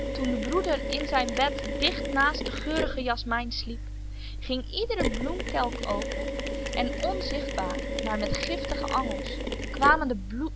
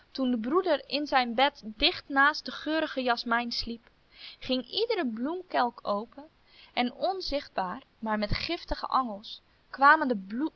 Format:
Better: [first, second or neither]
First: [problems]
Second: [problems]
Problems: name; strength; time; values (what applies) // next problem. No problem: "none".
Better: second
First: background sound (Mechanisms); 2 dB below the speech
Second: none